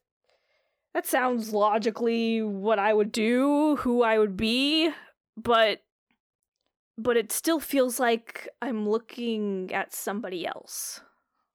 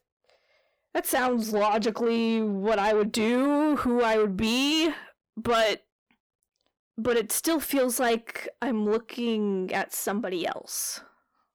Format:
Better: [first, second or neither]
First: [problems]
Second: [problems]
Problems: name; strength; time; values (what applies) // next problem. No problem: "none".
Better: first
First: none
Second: distortion; slight; 10 dB below the speech